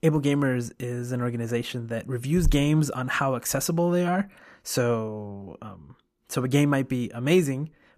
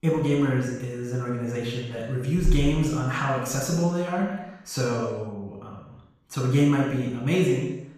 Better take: first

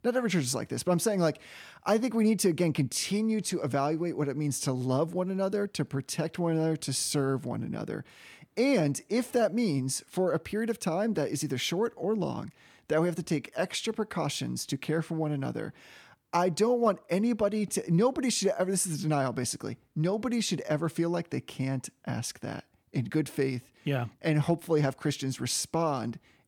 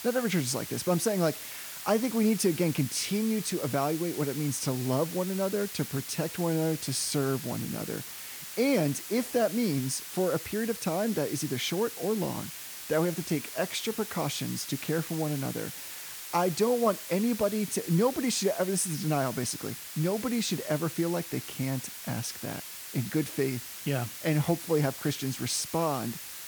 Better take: first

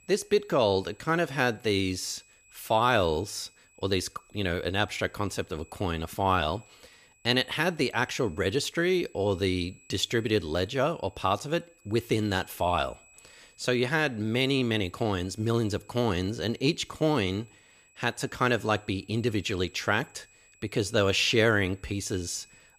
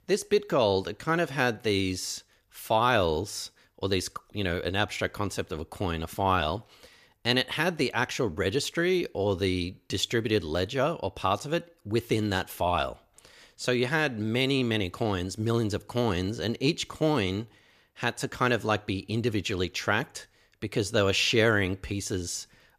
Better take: second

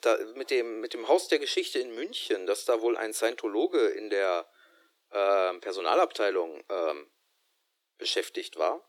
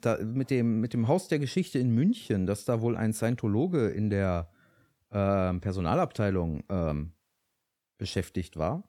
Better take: second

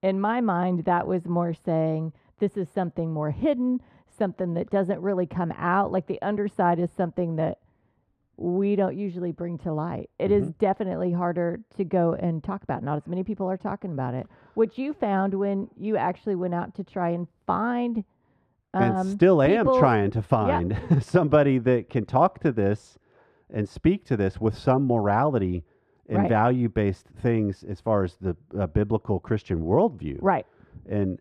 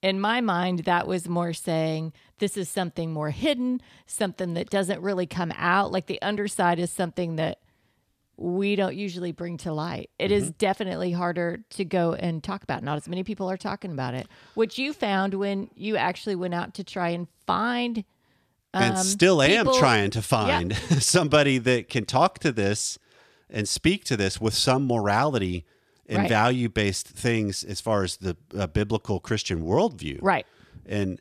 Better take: second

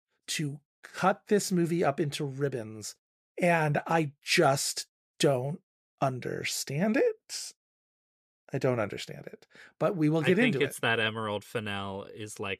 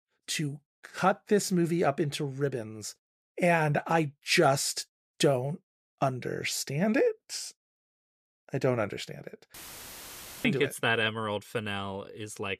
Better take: first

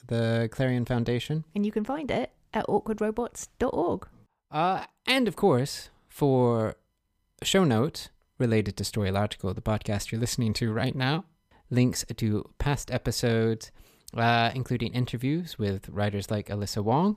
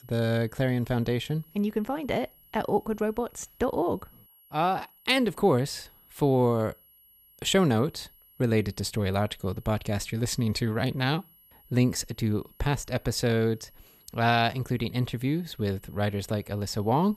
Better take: first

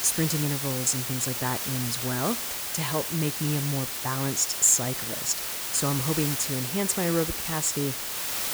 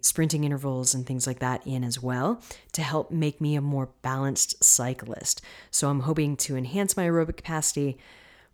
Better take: second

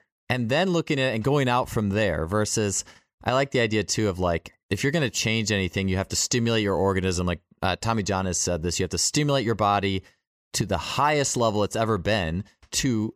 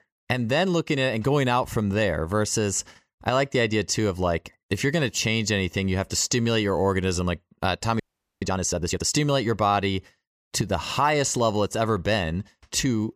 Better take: first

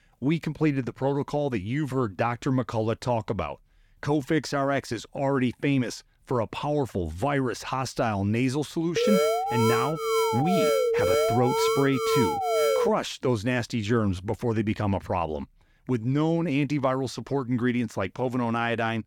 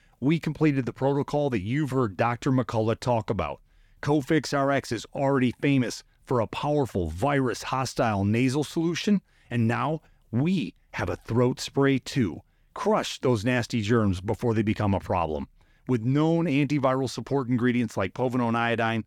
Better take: second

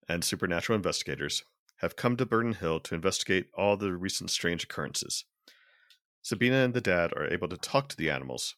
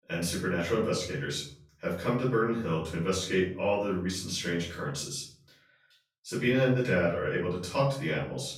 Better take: first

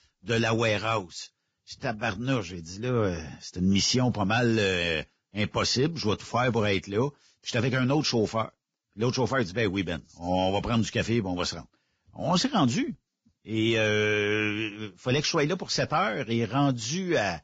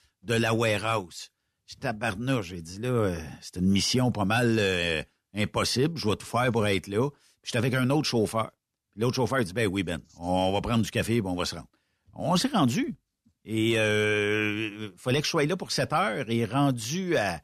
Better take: second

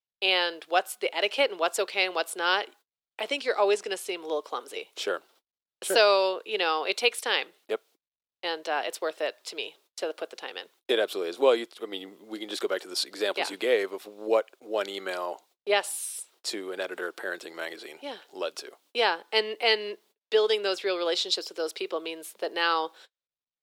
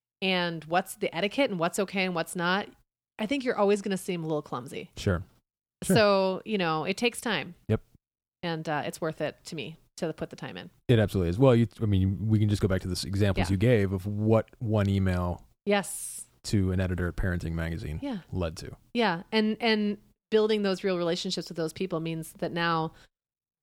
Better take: second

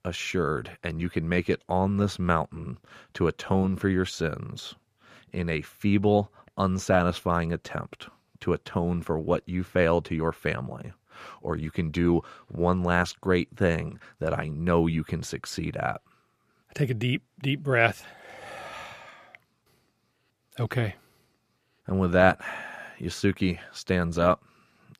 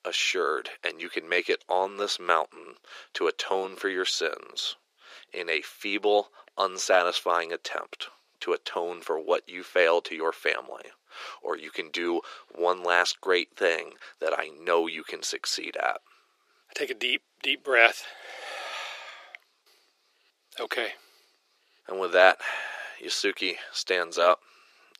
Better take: first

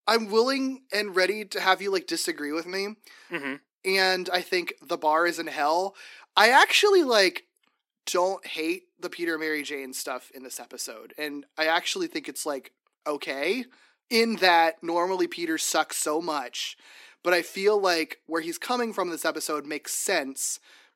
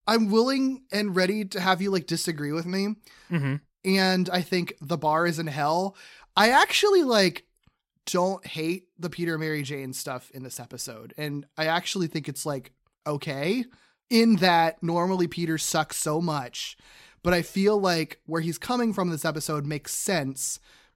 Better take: second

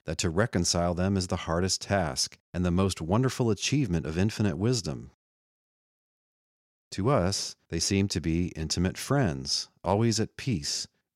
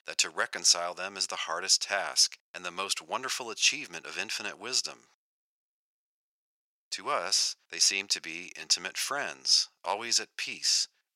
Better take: first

